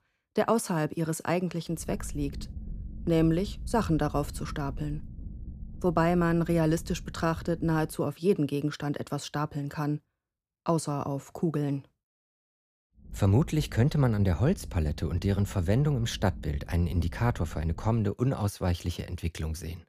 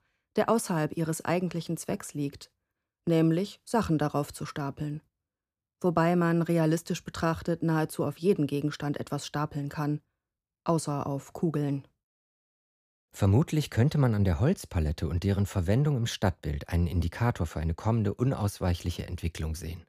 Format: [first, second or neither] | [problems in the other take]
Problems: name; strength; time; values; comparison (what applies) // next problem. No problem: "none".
second | low rumble; faint; from 2 to 8 s and from 13 to 18 s; 25 dB below the speech